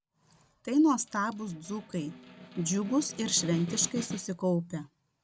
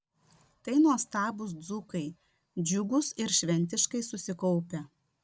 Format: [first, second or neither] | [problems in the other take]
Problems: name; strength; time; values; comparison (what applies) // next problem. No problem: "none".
second | background sound (Snare drum); 13 dB below the speech